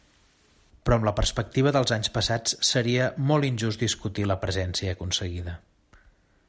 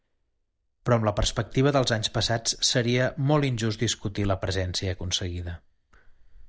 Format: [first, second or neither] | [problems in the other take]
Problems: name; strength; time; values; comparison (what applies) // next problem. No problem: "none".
first | noise reduction (neural mask model DeepFilterNet 3)